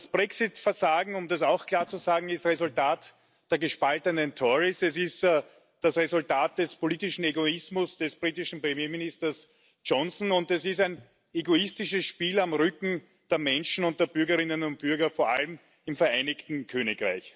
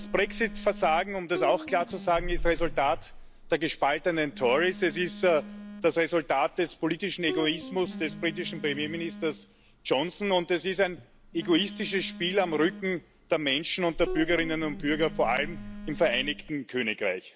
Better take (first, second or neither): first